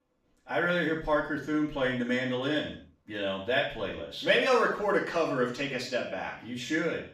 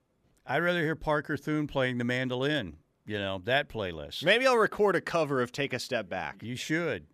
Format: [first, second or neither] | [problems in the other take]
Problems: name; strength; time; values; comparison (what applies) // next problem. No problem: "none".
second | room echo; noticeable; dies away in 0.5 s // off-mic speech; far